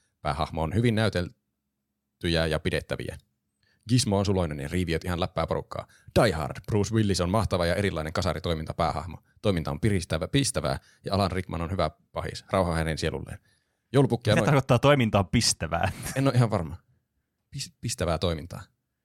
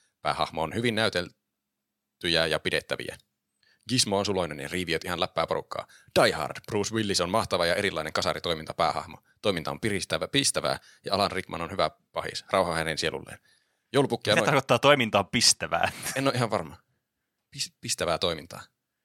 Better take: first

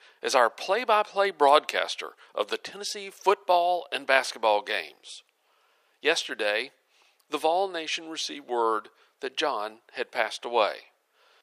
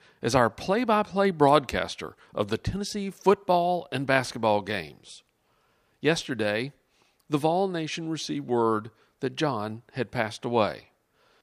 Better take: second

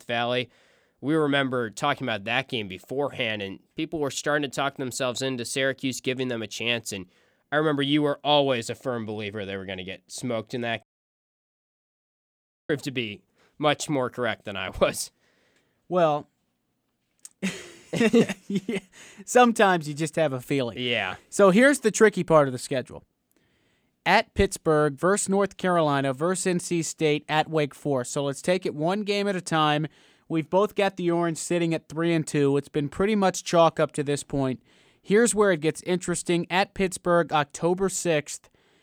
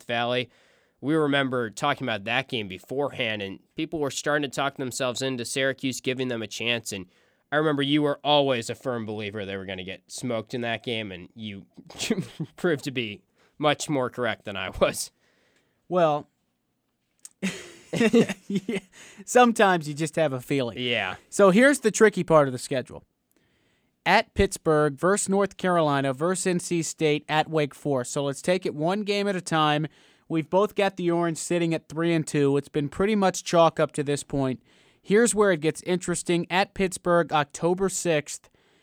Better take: second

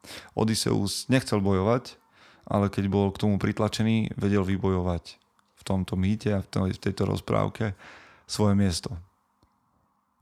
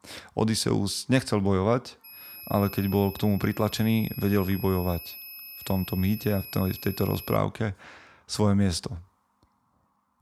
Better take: first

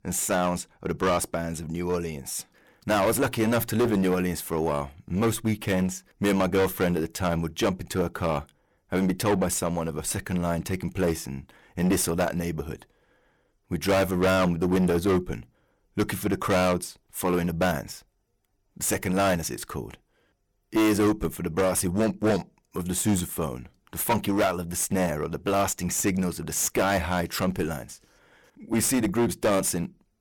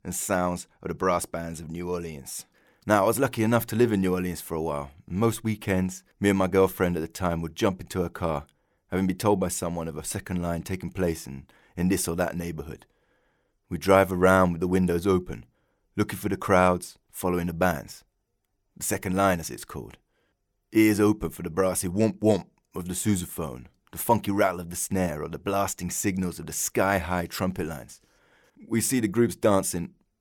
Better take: second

